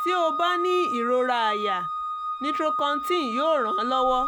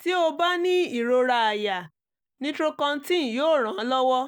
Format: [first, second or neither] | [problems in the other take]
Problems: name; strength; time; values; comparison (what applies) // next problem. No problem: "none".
second | background sound (Organ); 1 dB below the speech